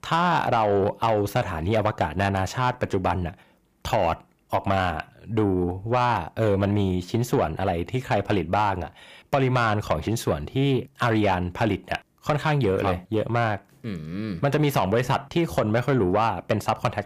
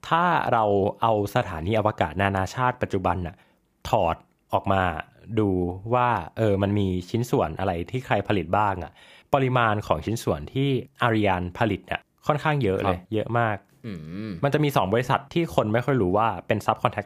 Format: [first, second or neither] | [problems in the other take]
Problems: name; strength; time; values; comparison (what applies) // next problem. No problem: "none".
second | distortion; slight; 10 dB below the speech